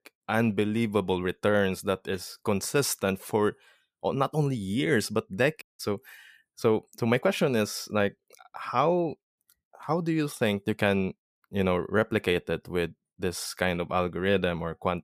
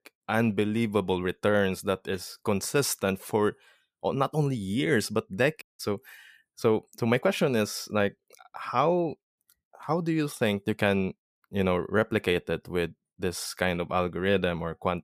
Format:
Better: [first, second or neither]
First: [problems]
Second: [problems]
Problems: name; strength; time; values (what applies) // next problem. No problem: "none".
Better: neither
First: audio cutting out; at 5.5 s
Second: audio cutting out; at 5.5 s